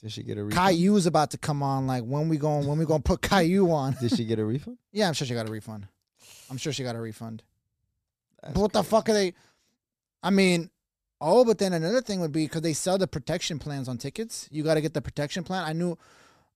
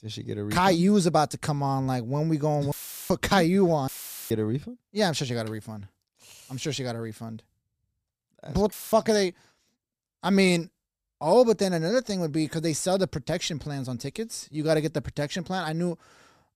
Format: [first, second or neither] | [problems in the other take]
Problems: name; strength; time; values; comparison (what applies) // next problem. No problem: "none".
first | audio cutting out; filled with static; at 2.5 s, at 4 s and at 8.5 s